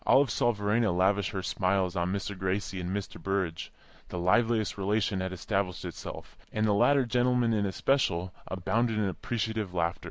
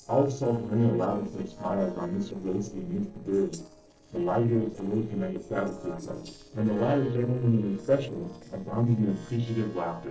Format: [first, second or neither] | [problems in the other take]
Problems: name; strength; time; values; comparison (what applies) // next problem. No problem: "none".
first | noise reduction (neural separator model SepFormer DNS4)